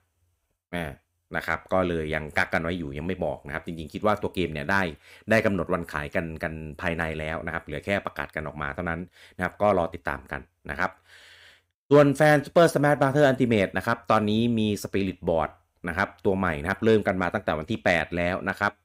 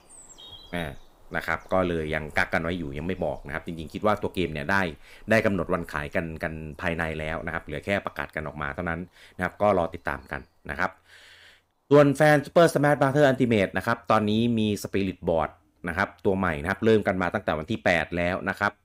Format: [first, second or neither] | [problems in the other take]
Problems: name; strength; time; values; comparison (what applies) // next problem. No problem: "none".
first | animal sounds; faint; throughout; 30 dB below the speech